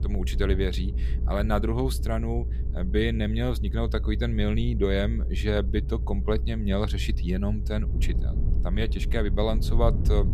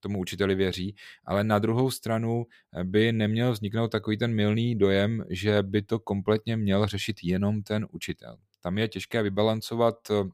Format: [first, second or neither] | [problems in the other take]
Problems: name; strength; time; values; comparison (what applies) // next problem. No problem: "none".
second | low rumble; noticeable; throughout; 15 dB below the speech